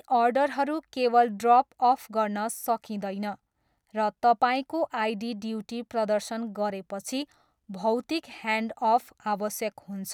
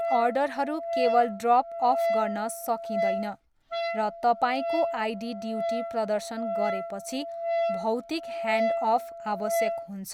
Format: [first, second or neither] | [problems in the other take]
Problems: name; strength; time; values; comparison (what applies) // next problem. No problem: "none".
first | background sound (Wind instrument, woodwind instrument); 2 dB below the speech